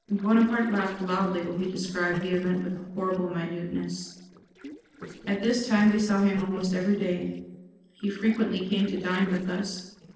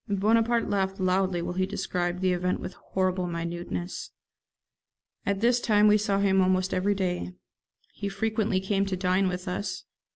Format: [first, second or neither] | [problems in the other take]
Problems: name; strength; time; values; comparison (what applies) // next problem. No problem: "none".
second | noise reduction (neural separator model SepFormer DNS4)